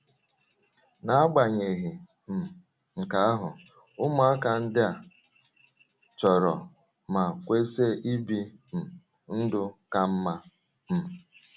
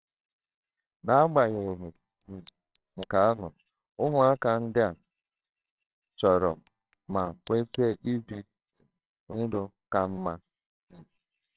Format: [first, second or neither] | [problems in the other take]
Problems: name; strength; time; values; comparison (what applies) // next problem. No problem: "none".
first | noise reduction (neural separator model SepFormer WHAMR!)